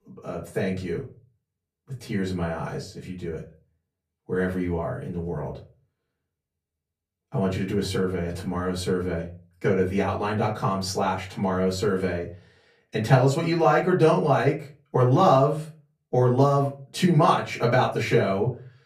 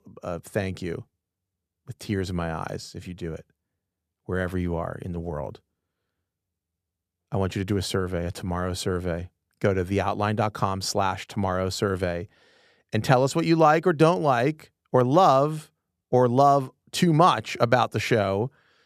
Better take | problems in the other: second | off-mic speech; far // room echo; very slight; dies away in 0.3 s

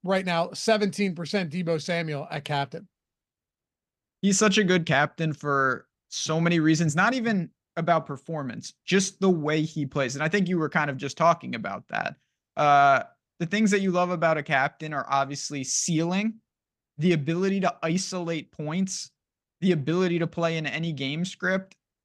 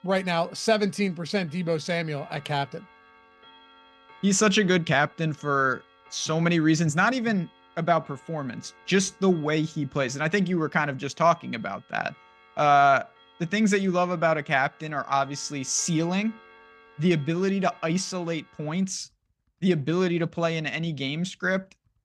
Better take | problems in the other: first | household noises; faint; throughout; 30 dB below the speech

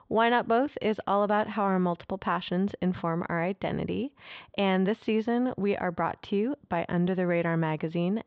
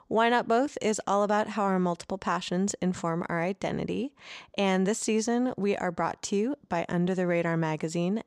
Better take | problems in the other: second | muffled; very; fading above 3.5 kHz

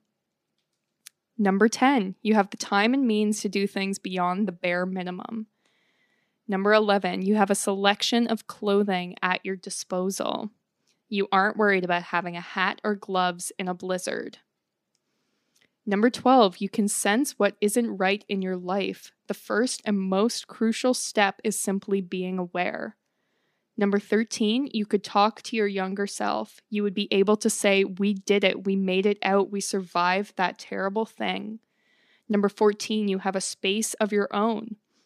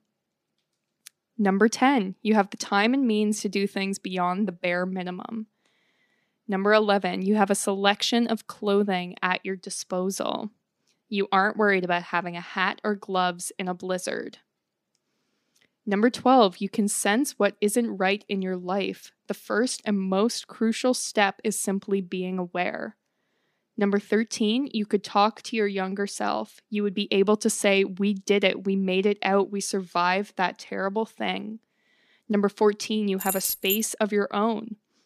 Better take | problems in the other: first | jangling keys; noticeable; at 33 s; peak 2 dB below the speech

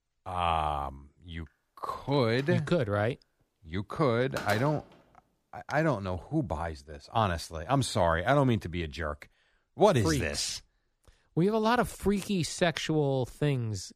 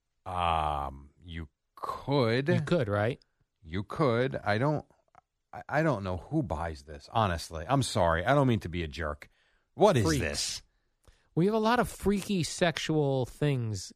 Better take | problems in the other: second | door banging; noticeable; from 2 to 5.5 s; peak 8 dB below the speech

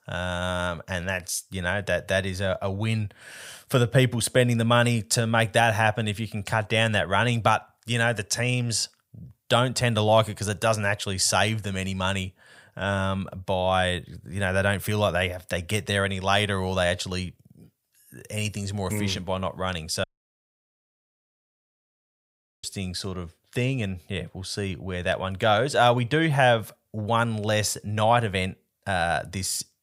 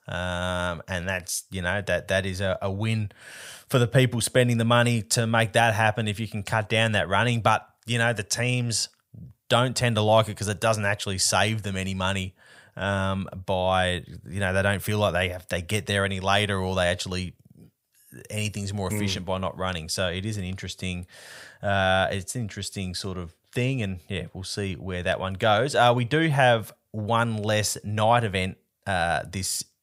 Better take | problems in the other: second | audio cutting out; at 20 s for 2.5 s

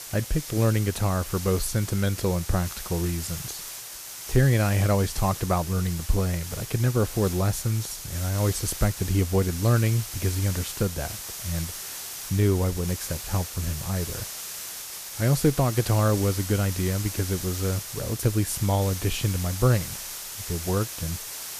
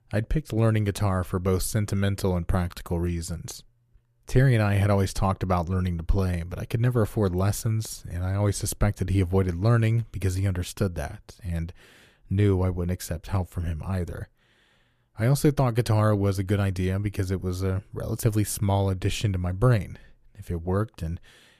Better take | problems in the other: second | hiss; loud; throughout; 8 dB below the speech

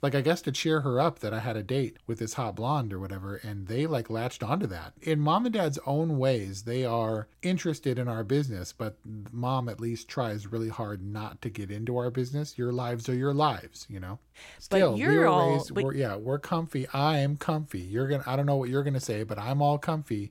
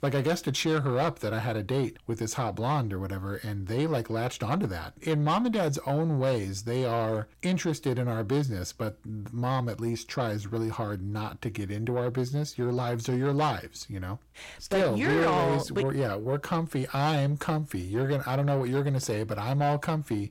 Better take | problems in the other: first | distortion; slight; 10 dB below the speech

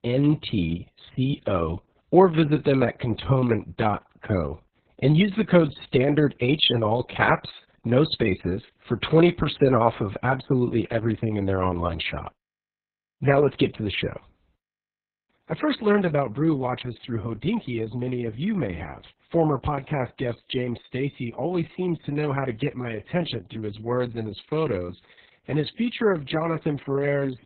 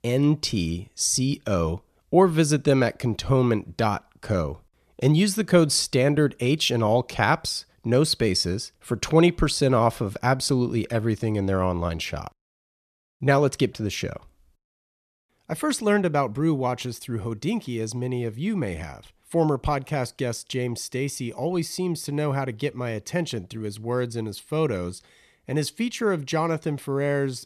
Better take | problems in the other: second | garbled, watery; badly; nothing above 4 kHz

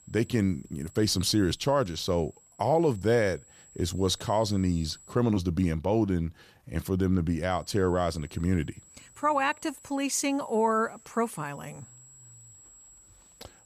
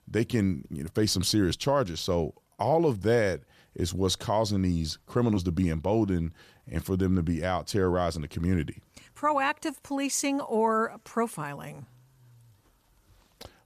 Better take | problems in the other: second | high-pitched whine; faint; until 5 s and from 7.5 s on; 7.5 kHz, 25 dB below the speech

